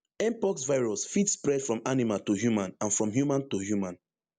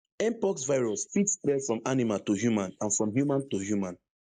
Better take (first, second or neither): first